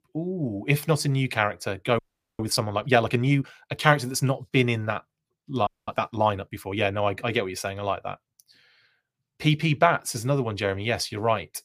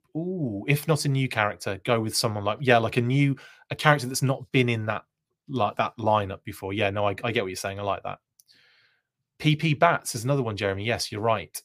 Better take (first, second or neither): second